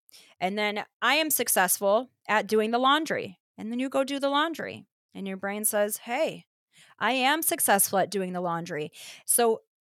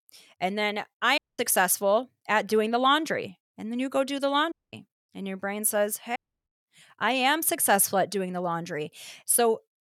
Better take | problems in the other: first | audio cutting out; at 1 s, at 4.5 s and at 6 s

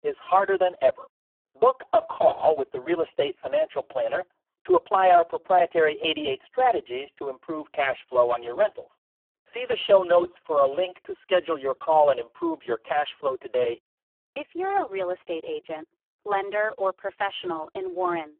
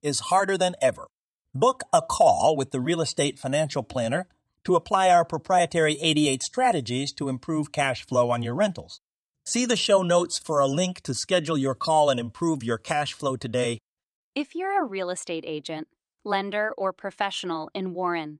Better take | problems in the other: second | phone-call audio; poor line

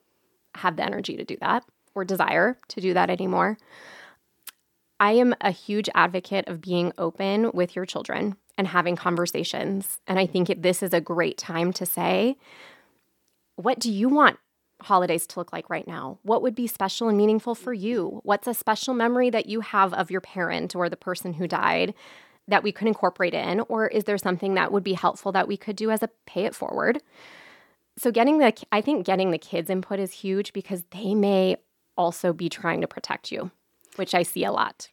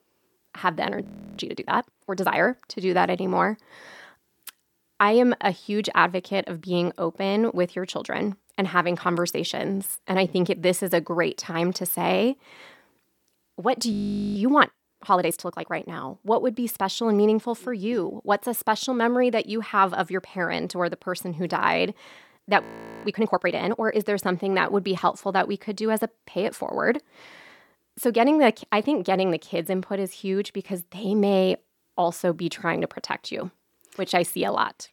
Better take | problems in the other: first | audio freezing; at 1 s, at 14 s and at 23 s

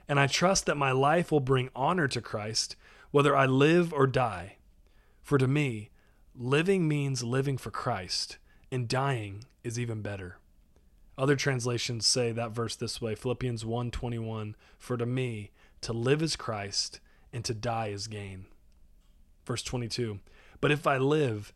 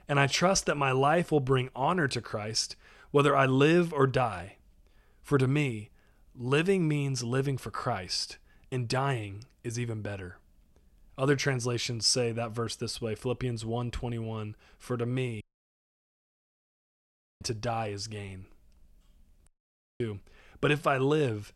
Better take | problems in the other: first | audio cutting out; at 15 s for 2 s and at 19 s for 0.5 s

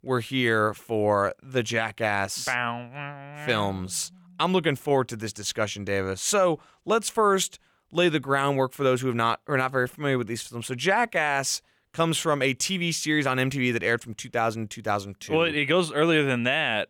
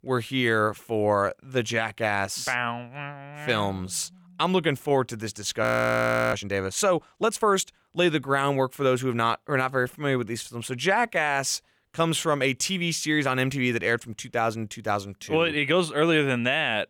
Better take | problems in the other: first | audio freezing; at 5.5 s for 0.5 s

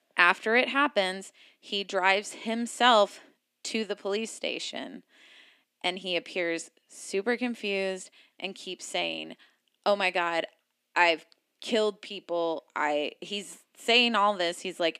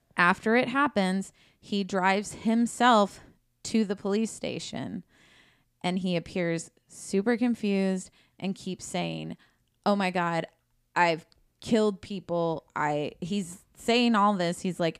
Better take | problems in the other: second | thin; somewhat; fading below 300 Hz

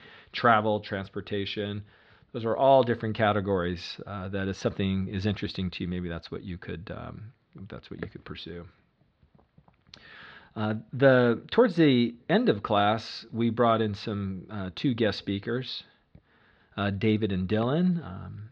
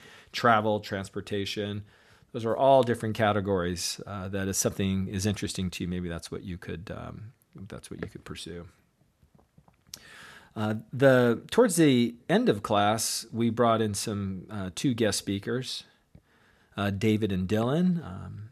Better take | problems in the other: second | muffled; slightly; fading above 4 kHz

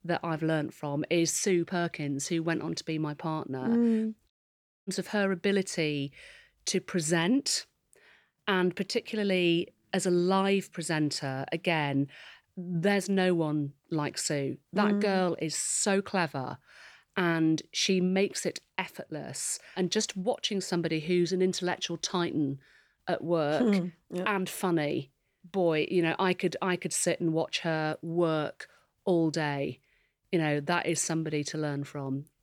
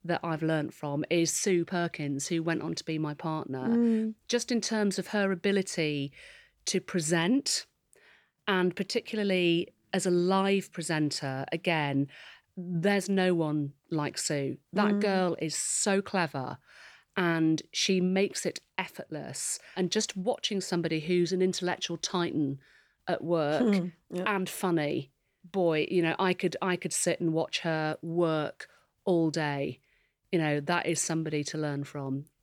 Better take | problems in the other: second | audio cutting out; at 4.5 s for 0.5 s

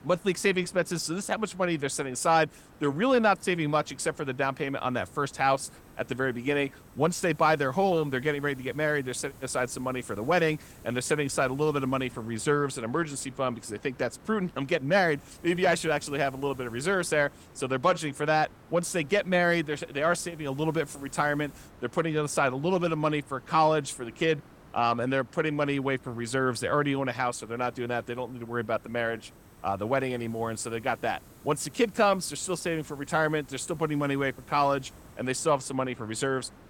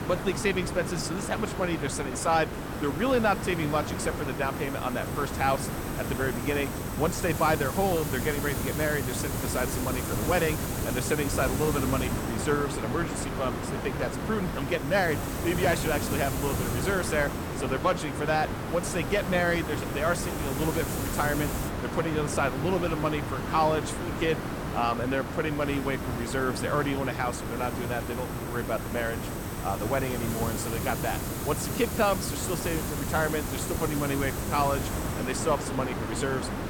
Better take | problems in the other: first | hiss; loud; throughout; 3 dB below the speech; faint in the first

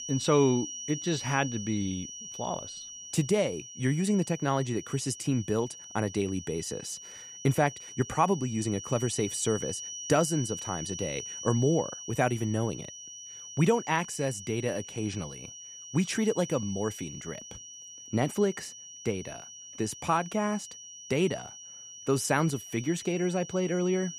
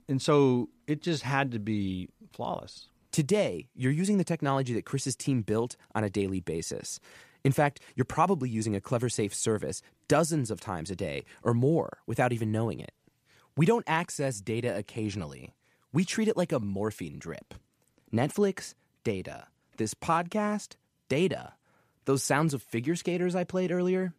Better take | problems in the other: second | high-pitched whine; noticeable; throughout; 6 kHz, 10 dB below the speech

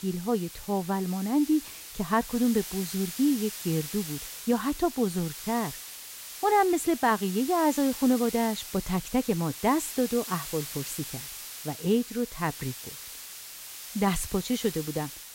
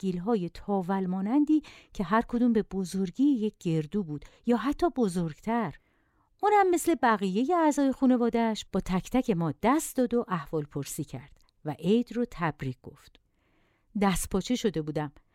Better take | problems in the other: second | hiss; loud; throughout; 10 dB below the speech

